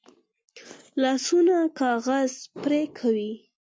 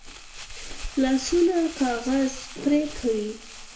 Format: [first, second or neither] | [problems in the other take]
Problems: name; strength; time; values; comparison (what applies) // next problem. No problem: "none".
first | background sound (Crumpling, crinkling); 13 dB below the speech // room echo; dies away in 0.5 s